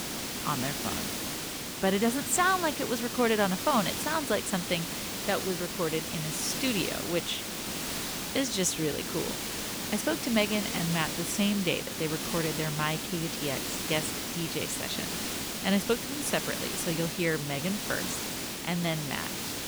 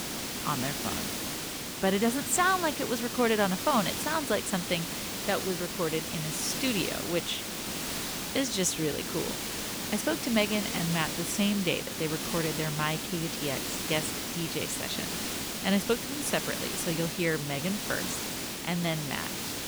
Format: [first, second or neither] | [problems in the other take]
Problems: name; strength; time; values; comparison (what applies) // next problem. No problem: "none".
neither | hiss; loud; throughout; 2 dB below the speech; the same in both